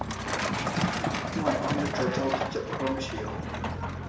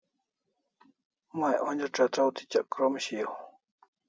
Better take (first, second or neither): second